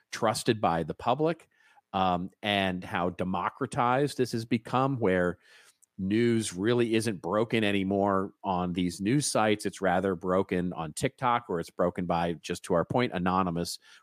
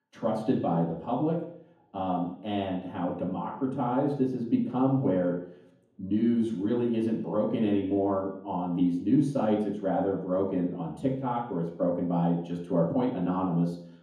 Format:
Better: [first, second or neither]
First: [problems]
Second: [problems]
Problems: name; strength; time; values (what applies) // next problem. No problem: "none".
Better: first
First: none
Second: room echo; noticeable; dies away in 0.8 s // off-mic speech; far